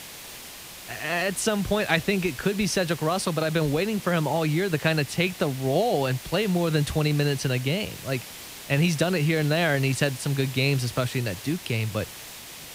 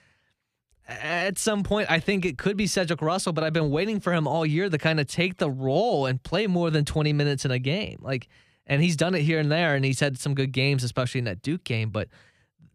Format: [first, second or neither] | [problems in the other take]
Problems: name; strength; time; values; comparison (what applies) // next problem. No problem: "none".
second | hiss; noticeable; throughout; 15 dB below the speech